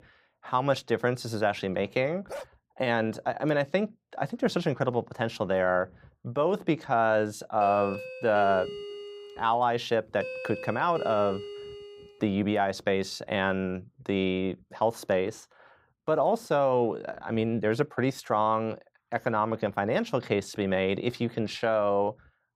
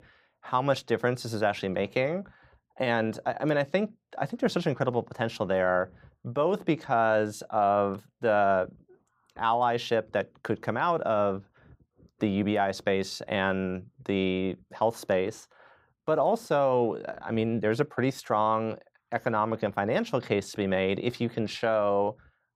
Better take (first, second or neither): second